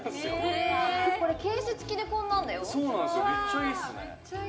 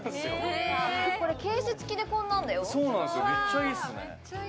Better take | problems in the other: second | room echo; dies away in 1.3 s

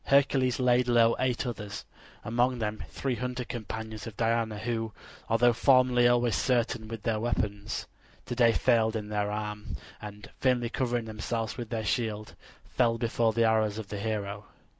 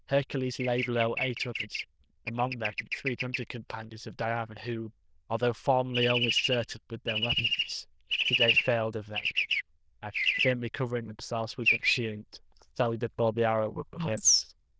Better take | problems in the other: first | noise reduction (neural diffusion model UNIVERSE++)

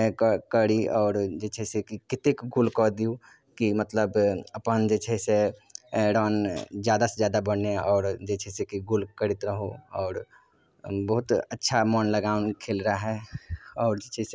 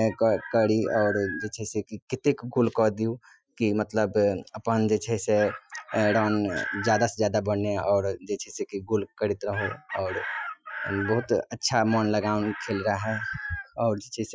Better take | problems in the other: first | noise reduction (classical method Wiener filter)

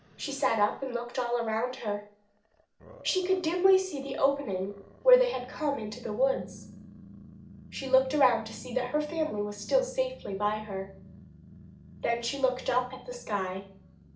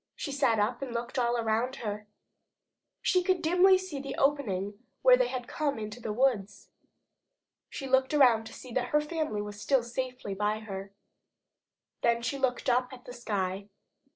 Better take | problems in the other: second | background sound (Growling); 20 dB below the speech // room echo; dies away in 0.4 s

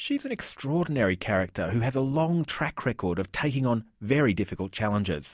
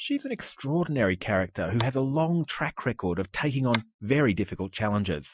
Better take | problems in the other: first | noise reduction (classical method Wiener filter)

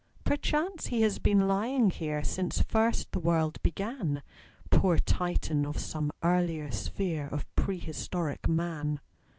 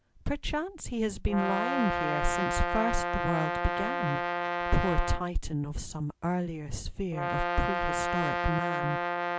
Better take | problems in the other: first | background sound (Brass instrument); 1 dB below the speech

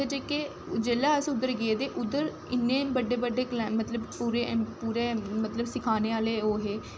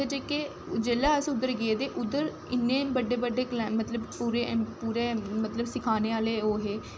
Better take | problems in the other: first | background sound (Whoosh, swoosh, swish); 11 dB below the speech

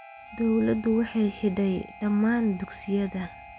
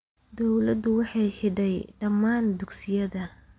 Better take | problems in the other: second | background sound (Harmonica); 19 dB below the speech

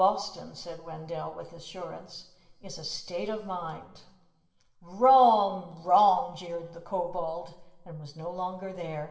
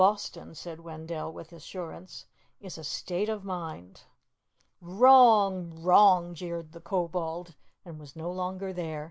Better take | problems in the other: second | room echo; dies away in 1.5 s

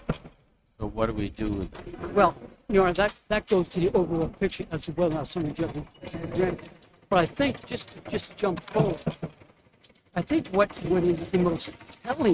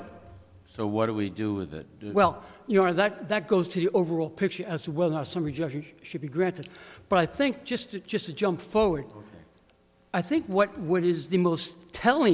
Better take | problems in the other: second | noise reduction (neural mask model RNNoise)

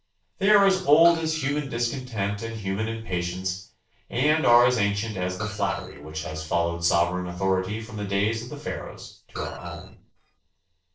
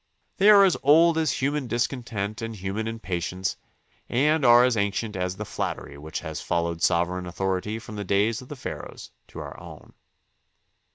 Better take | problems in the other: second | noise reduction (neural separator model SepFormer DNS4)

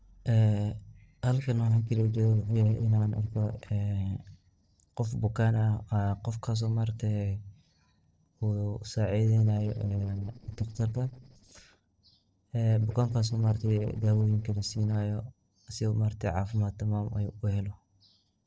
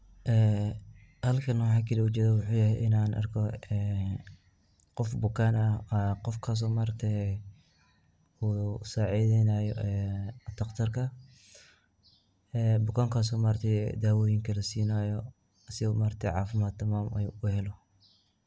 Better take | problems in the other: second | noise reduction (neural separator model SepFormer DNS4)

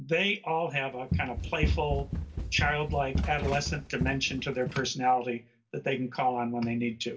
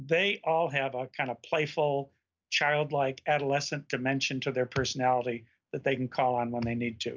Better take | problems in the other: second | background sound (Run); 2 dB below the speech // room echo; dies away in 0.2 s

